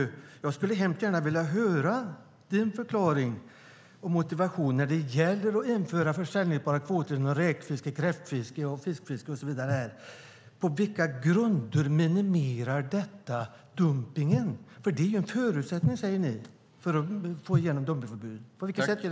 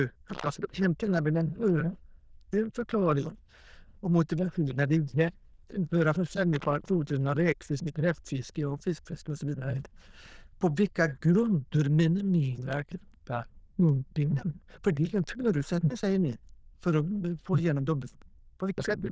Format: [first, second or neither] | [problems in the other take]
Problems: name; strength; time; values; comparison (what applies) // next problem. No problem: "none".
first | noise reduction (neural diffusion model UNIVERSE++)